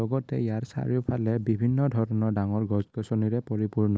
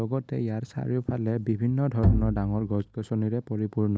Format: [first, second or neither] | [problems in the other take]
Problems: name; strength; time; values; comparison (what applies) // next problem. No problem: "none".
first | background sound (Bowed string instrument); as loud as the speech